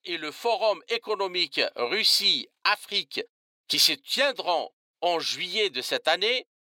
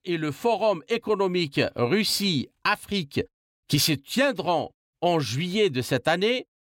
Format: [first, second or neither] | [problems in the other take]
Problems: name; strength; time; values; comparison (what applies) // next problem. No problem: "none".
second | thin; very; fading below 550 Hz